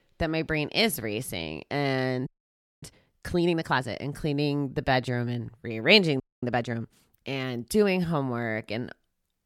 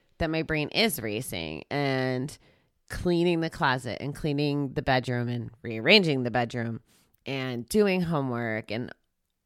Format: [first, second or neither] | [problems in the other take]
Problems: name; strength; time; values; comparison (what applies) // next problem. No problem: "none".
second | audio freezing; at 2.5 s for 0.5 s and at 6 s